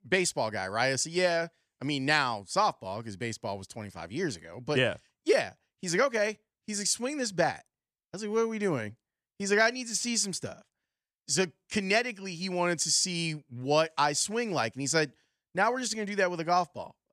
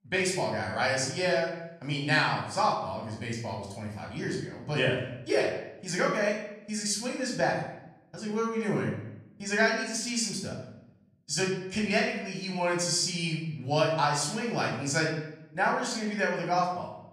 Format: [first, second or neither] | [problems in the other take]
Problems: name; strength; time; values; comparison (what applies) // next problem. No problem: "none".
first | off-mic speech; far // room echo; noticeable; dies away in 0.8 s